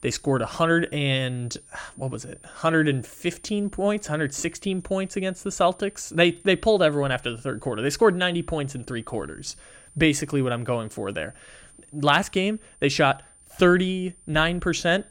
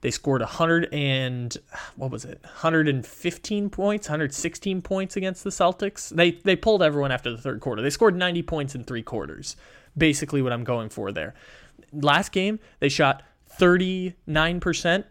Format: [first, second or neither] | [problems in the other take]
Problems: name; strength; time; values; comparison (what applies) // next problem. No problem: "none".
second | high-pitched whine; faint; throughout; 9 kHz, 25 dB below the speech